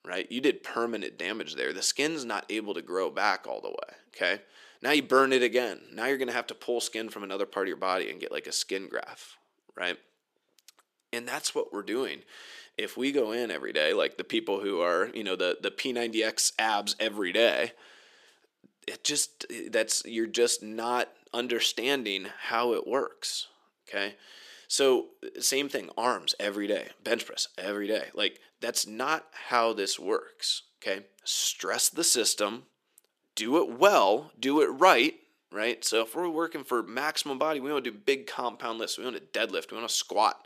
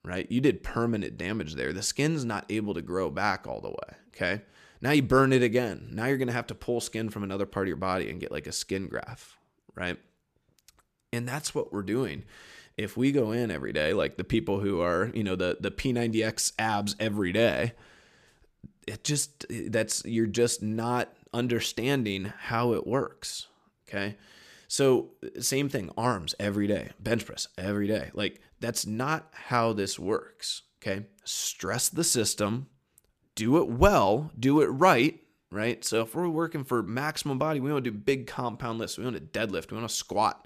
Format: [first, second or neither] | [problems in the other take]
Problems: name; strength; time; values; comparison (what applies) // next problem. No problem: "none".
second | thin; somewhat; fading below 350 Hz